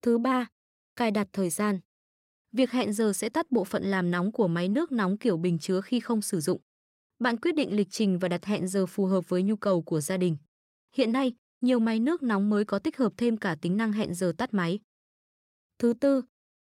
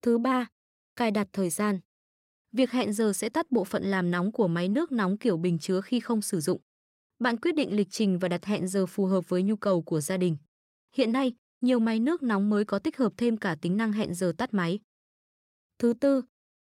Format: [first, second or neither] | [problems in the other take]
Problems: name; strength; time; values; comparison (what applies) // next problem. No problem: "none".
neither | none